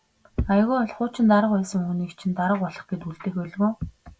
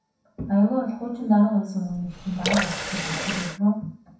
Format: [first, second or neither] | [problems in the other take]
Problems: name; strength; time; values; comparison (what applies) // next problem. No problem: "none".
first | background sound (Water tap, faucet / Water); 5 dB below the speech // room echo; dies away in 0.7 s